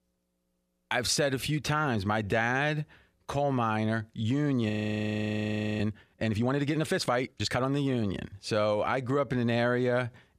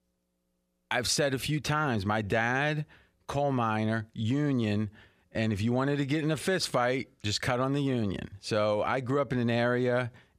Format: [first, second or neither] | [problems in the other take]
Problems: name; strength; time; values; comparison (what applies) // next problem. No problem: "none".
second | audio freezing; at 4.5 s for 1 s